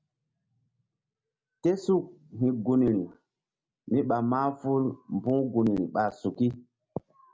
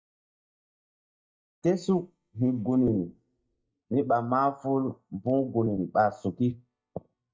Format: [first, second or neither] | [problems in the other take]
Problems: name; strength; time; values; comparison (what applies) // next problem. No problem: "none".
first | noise reduction (neural mask model DeepFilterNet 3)